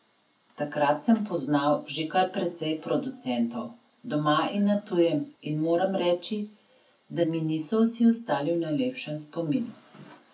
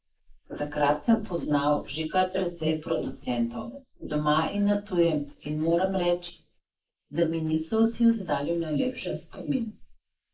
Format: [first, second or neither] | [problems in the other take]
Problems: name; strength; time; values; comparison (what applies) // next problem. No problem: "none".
first | noise reduction (neural mask model Resemble Enhance denoiser)